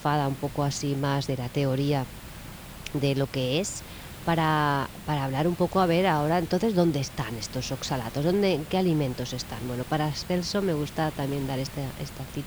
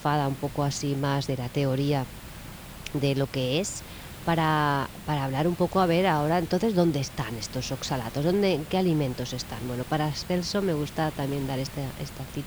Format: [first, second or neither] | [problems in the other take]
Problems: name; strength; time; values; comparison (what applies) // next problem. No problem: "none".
neither | hiss; noticeable; throughout; 15 dB below the speech; the same in both